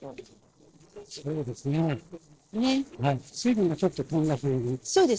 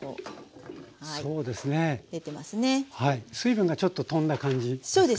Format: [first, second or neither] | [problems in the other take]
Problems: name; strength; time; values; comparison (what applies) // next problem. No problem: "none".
second | noise reduction (neural separator model SepFormer DNS4)